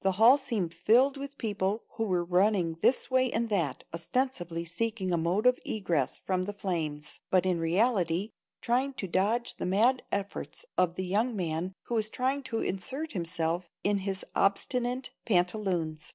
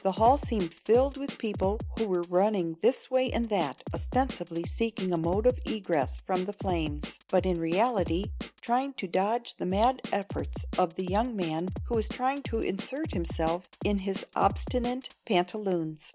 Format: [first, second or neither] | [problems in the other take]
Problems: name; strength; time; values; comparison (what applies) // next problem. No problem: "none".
first | background sound (Drum kit); 10 dB below the speech